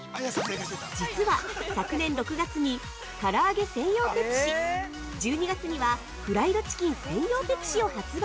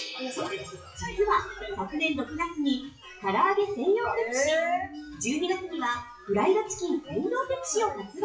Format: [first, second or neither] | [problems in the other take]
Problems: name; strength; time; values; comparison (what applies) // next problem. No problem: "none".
first | noise reduction (classical method WPE with log-MMSE)